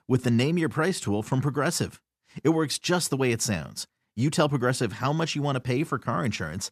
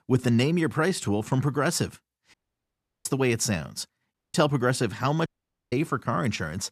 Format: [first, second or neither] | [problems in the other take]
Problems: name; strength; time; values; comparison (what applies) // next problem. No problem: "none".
first | audio cutting out; at 2.5 s for 0.5 s, at 4 s and at 5.5 s